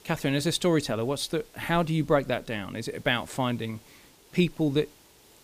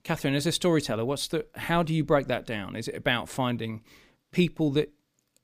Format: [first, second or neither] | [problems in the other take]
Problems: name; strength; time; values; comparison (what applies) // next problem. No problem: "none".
second | hiss; faint; throughout; 25 dB below the speech